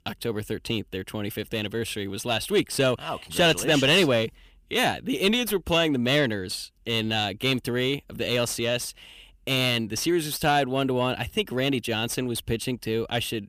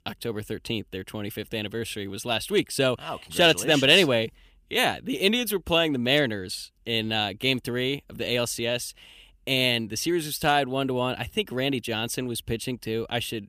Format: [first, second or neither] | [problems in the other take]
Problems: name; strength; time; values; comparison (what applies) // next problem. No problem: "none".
second | distortion; slight; 10 dB below the speech